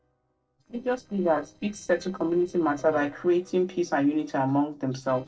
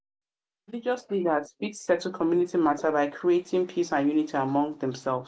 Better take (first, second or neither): second